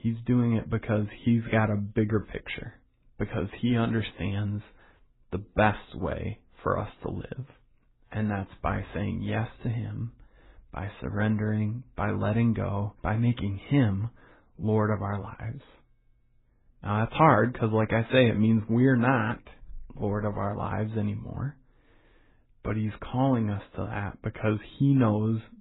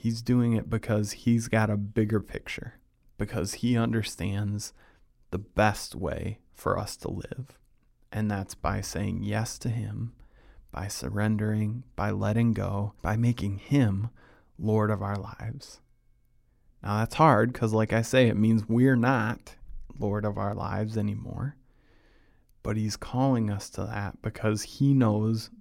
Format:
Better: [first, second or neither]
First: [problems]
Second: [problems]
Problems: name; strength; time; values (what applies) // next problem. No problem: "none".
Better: second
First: garbled, watery; badly; nothing above 4 kHz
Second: none